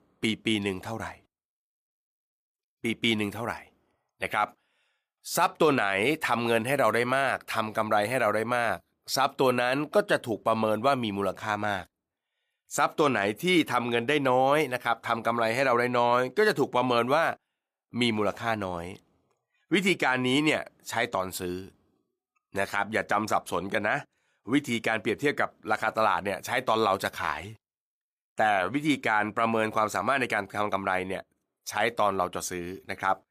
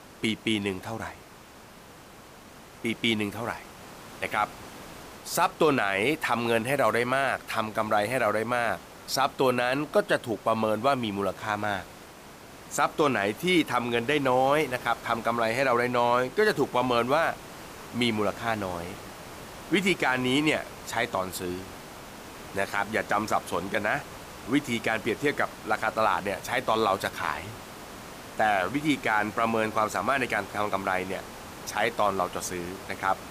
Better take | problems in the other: first | hiss; noticeable; throughout; 15 dB below the speech

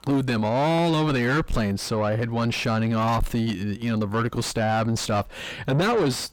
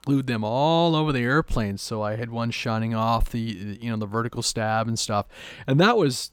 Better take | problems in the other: second | distortion; heavy; 6 dB below the speech

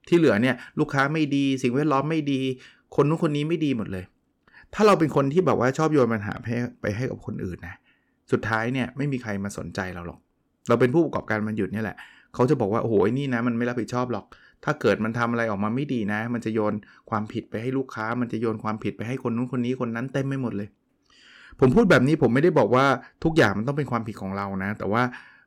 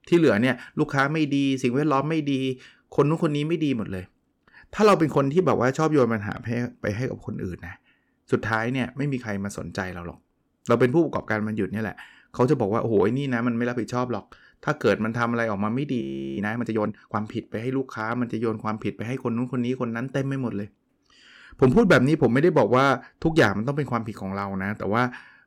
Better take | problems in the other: first | audio freezing; at 16 s

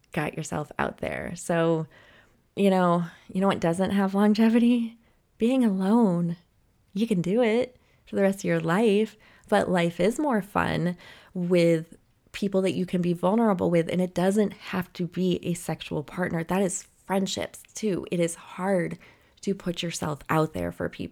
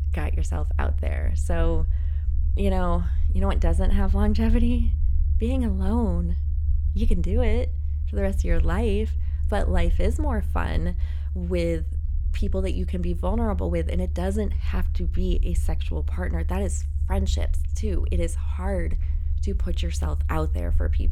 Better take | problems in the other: first | low rumble; noticeable; throughout; 15 dB below the speech

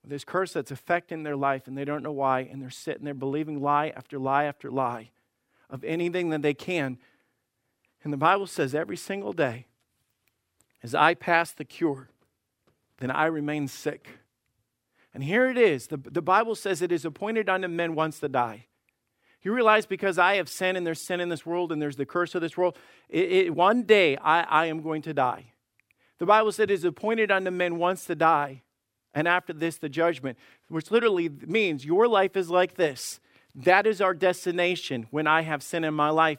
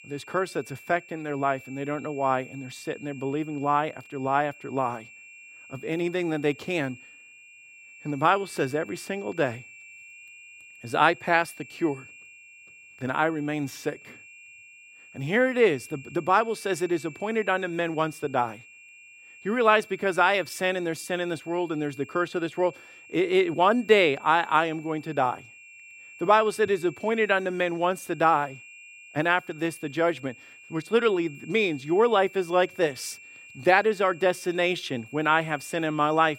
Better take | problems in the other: first | high-pitched whine; faint; throughout; 2.5 kHz, 20 dB below the speech

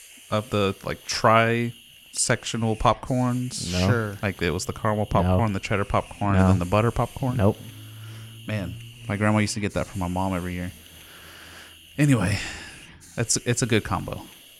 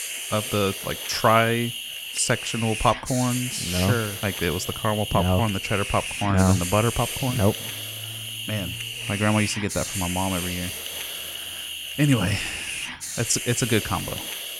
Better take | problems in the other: first | hiss; loud; throughout; 5 dB below the speech; faint in the first

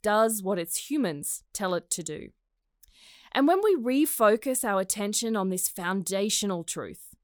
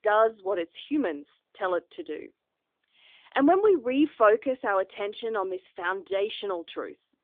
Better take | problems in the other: first | phone-call audio

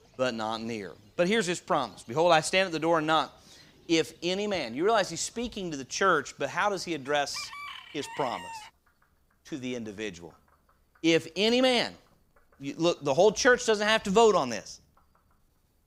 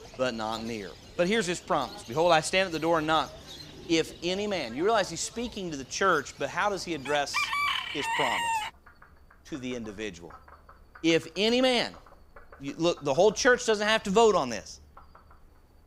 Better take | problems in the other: first | animal sounds; loud; throughout; 8 dB below the speech; faint in the first

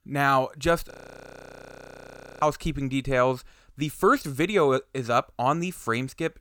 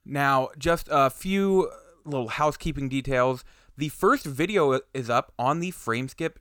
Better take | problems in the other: second | audio freezing; at 1 s for 1.5 s

